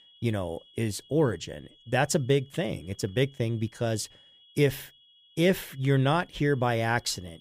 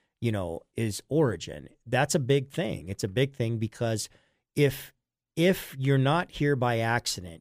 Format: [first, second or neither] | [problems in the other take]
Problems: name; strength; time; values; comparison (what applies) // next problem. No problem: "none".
second | high-pitched whine; faint; throughout; 3.5 kHz, 25 dB below the speech